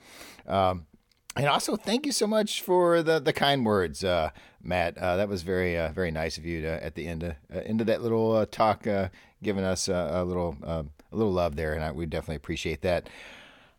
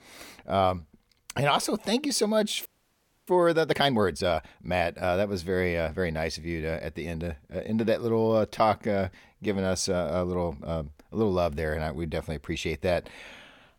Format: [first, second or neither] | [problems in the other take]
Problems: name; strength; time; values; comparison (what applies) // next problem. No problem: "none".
first | audio freezing; at 2.5 s for 0.5 s